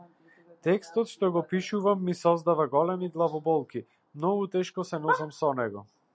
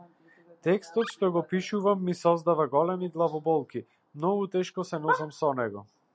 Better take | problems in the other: first | background sound (Animal); 18 dB below the speech

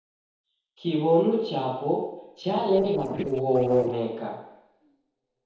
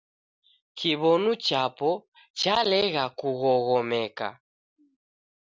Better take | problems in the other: second | noise reduction (neural separator model SepFormer DNS4)

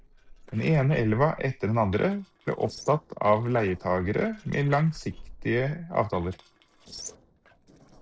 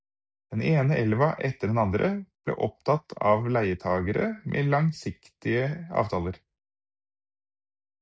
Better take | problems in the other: second | noise reduction (neural separator model SepFormer DNS4)

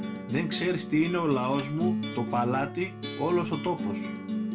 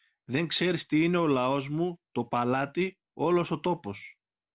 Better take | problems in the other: second | background sound (Acoustic guitar); 4 dB below the speech // room echo; dies away in 0.2 s

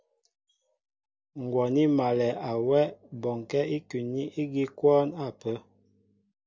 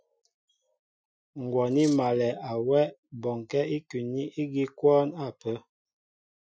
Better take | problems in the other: first | noise reduction (classical method Wiener filter)

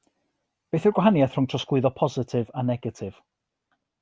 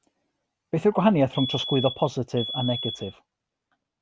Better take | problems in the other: first | background sound (Alarm); 8 dB below the speech

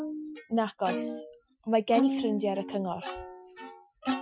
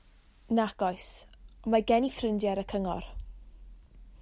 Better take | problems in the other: second | noise reduction (classical method Wiener filter)

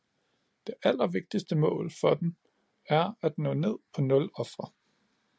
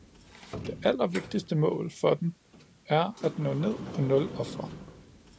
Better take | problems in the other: first | background sound (Sliding door); 13 dB below the speech

